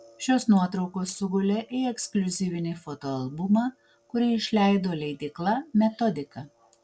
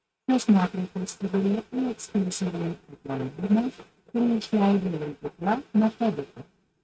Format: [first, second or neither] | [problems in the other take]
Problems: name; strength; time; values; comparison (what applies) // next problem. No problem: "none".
first | noise reduction (neural mask model RNNoise)